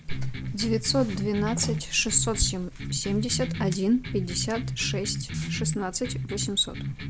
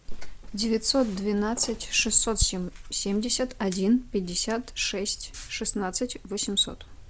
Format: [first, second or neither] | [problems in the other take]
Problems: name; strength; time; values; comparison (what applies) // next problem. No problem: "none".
second | background sound (Electric guitar); 5 dB below the speech